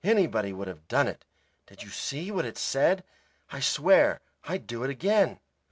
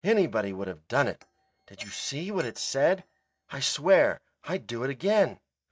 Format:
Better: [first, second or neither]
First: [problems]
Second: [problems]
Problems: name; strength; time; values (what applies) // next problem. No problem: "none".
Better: first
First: none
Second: noise reduction (neural mask model DeepFilterNet 3)